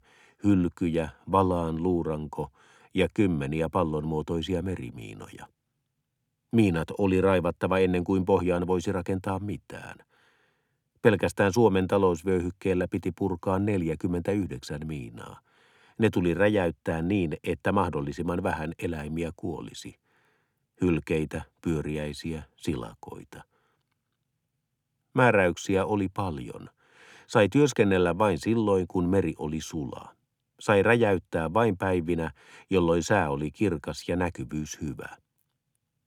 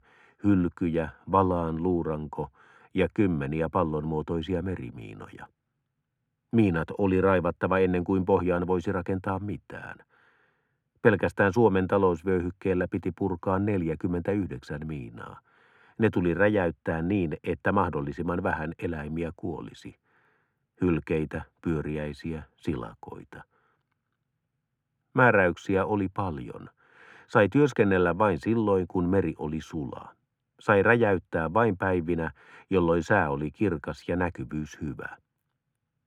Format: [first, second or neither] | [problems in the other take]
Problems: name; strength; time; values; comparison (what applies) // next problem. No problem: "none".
first | muffled; slightly; fading above 3.5 kHz